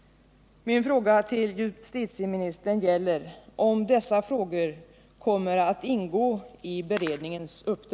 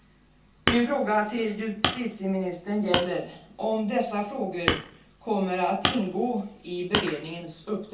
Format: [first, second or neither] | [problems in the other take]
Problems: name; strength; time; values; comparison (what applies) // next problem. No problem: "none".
first | background sound (Hammer); 4 dB below the speech // room echo; dies away in 0.3 s